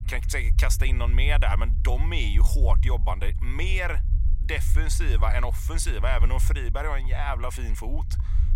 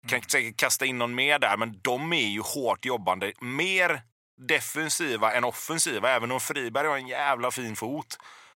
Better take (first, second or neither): second